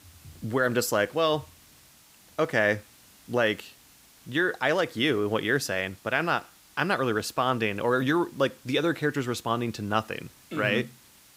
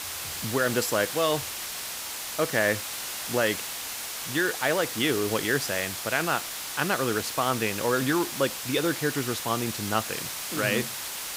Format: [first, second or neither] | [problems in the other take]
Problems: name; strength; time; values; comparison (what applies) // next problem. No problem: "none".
first | hiss; loud; throughout; 4 dB below the speech; faint in the first